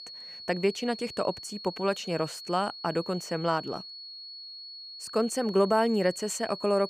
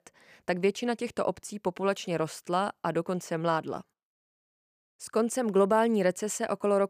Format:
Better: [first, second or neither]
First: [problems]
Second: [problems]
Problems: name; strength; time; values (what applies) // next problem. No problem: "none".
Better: second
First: high-pitched whine; noticeable; throughout; 4.5 kHz, 10 dB below the speech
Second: none